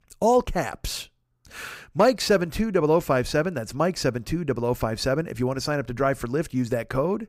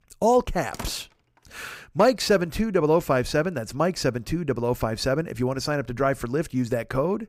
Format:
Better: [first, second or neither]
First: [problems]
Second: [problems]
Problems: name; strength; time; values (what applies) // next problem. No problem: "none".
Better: first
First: none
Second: door banging; faint; at 0.5 s; peak 15 dB below the speech